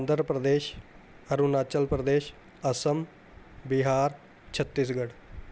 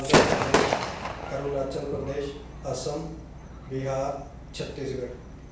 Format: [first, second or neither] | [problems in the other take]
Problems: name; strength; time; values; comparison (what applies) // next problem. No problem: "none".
first | background sound (Gunshot, gunfire / Fireworks); 3 dB above the speech // room echo; dies away in 0.7 s